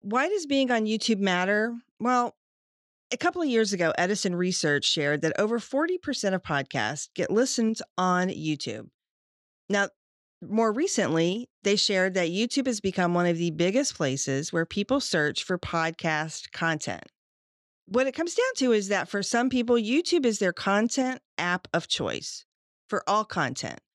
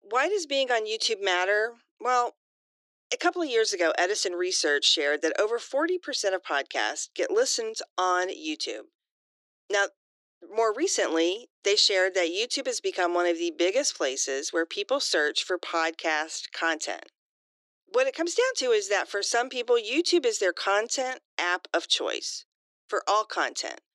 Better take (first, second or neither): first